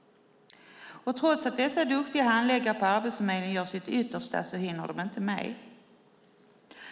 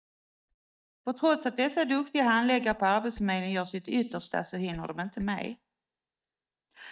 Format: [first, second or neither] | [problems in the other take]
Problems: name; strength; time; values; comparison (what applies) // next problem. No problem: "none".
first | noise reduction (neural mask model DeepFilterNet 3)